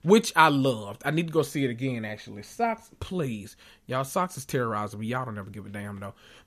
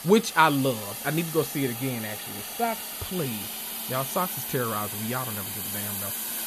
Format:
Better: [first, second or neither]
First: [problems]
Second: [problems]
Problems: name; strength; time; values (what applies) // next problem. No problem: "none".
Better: first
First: none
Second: hiss; loud; throughout; 4 dB below the speech